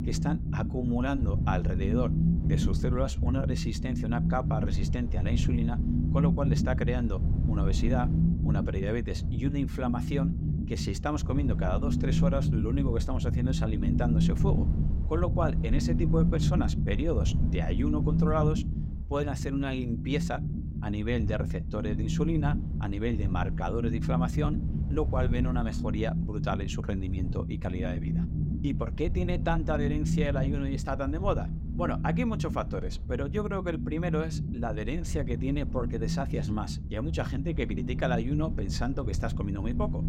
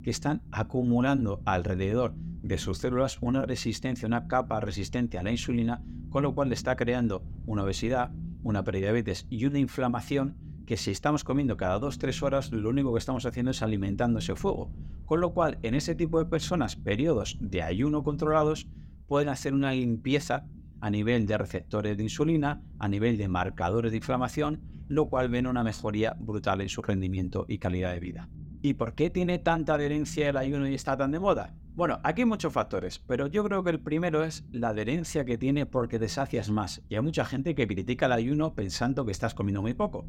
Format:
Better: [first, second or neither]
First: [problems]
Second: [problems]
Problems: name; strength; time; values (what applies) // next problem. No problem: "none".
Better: second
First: low rumble; loud; throughout; 6 dB below the speech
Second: low rumble; faint; throughout; 25 dB below the speech